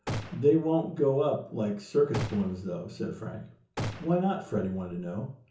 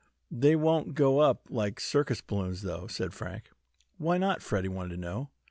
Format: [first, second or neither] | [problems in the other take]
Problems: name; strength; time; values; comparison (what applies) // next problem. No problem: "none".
second | background sound (Gunshot, gunfire); 11 dB below the speech // room echo; dies away in 0.6 s